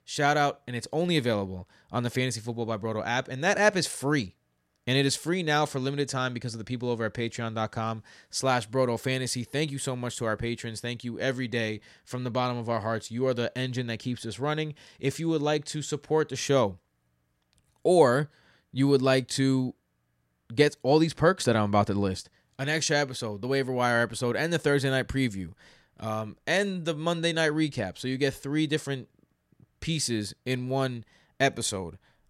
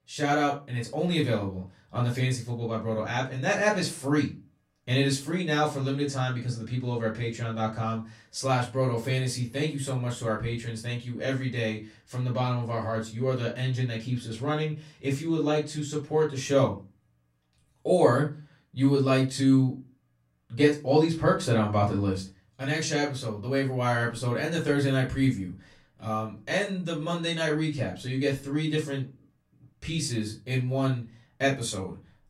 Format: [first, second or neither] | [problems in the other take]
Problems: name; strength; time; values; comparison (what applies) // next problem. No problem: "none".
first | off-mic speech; far // room echo; very slight; dies away in 0.2 s